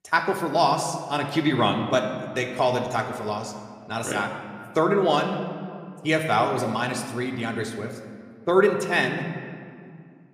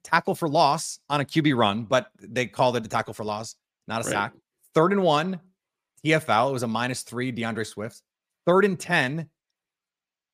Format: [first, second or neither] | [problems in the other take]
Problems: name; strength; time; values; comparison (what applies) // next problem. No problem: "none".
second | room echo; slight; dies away in 1.6 s